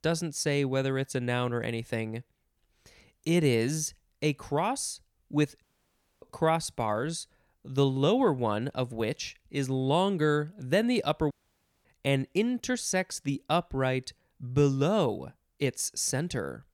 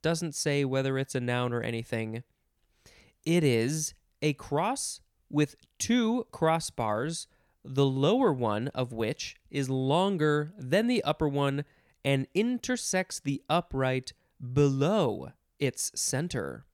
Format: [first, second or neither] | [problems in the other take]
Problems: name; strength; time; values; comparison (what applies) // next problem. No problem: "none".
second | audio cutting out; at 5.5 s for 0.5 s and at 11 s for 0.5 s